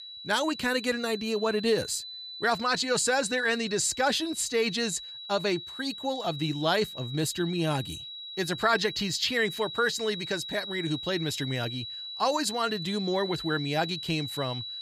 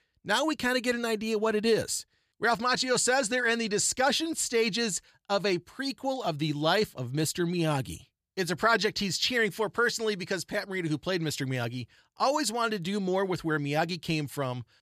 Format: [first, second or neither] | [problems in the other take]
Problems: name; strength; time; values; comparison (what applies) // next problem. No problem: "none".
second | high-pitched whine; loud; throughout; 4 kHz, 9 dB below the speech